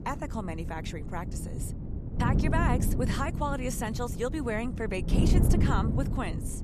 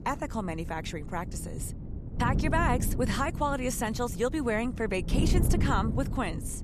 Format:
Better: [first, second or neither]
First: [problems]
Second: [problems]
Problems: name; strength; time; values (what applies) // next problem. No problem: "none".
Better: second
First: wind noise on the microphone; heavy; 6 dB below the speech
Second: wind noise on the microphone; occasional gusts; 10 dB below the speech